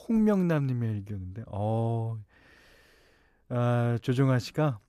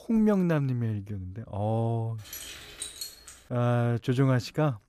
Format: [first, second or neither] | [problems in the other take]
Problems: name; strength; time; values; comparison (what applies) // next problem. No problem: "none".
first | jangling keys; noticeable; from 2.5 to 3.5 s; peak 9 dB below the speech